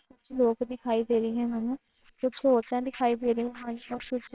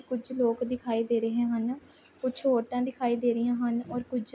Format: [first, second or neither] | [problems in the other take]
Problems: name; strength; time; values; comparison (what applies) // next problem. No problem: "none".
second | noise reduction (neural separator model SepFormer WHAMR!)